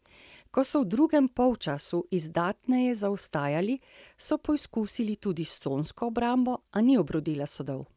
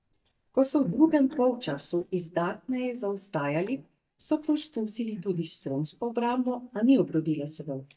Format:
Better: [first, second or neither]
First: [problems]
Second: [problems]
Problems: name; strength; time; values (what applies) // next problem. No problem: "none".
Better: first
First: none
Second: noise reduction (neural mask model DeepFilterNet 3)